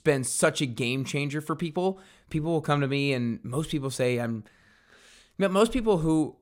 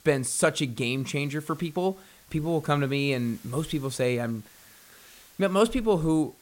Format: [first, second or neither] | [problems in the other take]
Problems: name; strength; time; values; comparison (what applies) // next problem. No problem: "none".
first | hiss; faint; throughout; 25 dB below the speech